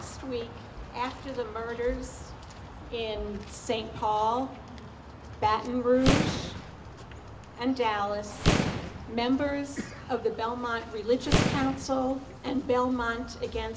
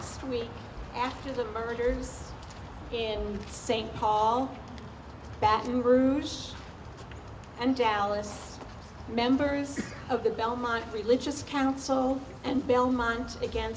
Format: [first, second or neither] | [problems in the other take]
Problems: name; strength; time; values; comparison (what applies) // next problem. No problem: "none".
second | background sound (Boom); as loud as the speech